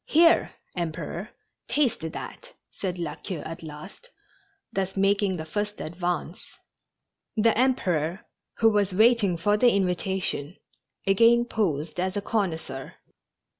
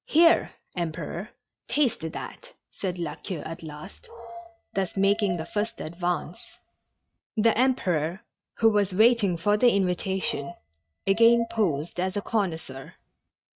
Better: first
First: none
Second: noise reduction (neural mask model RNNoise)

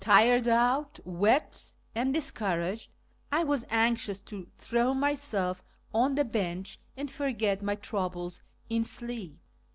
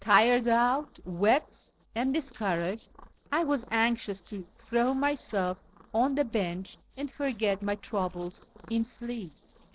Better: first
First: none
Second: noise reduction (neural separator model SepFormer DNS4)

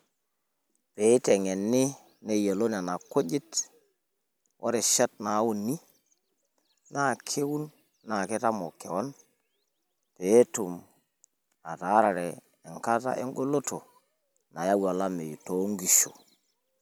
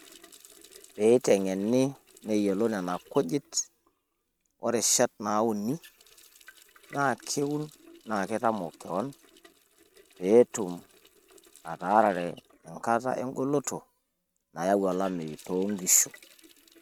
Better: first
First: none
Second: noise reduction (neural mask model RNNoise)

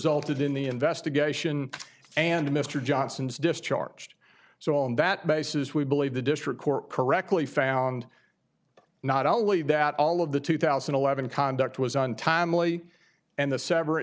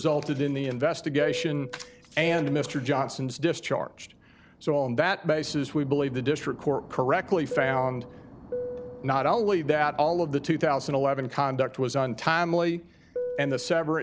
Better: first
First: none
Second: background sound (Fixed-wing aircraft, airplane); 13 dB below the speech

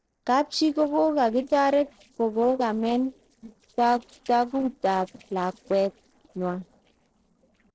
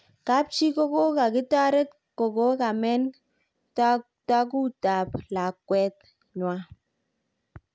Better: second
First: noise reduction (neural separator model SepFormer DNS4)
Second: none

